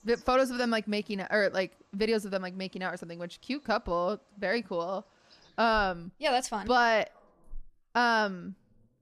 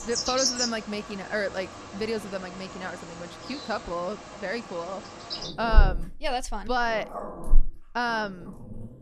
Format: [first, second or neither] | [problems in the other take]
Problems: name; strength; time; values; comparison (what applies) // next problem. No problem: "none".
first | animal sounds; loud; throughout; 1 dB below the speech; faint in the first